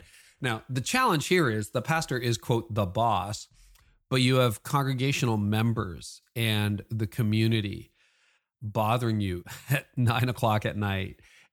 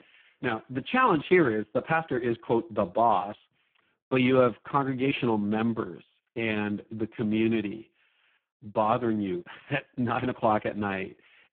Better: first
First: none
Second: phone-call audio; poor line

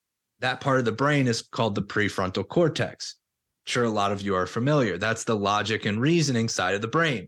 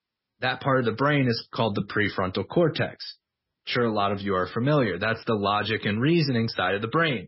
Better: first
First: none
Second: garbled, watery; badly; nothing above 5.5 kHz

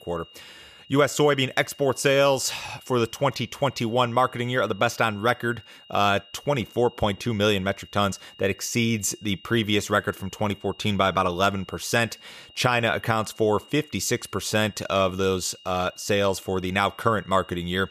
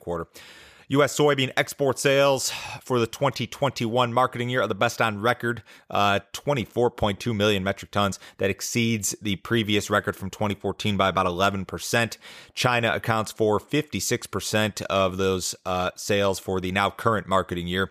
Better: second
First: high-pitched whine; faint; throughout; 3 kHz, 25 dB below the speech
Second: none

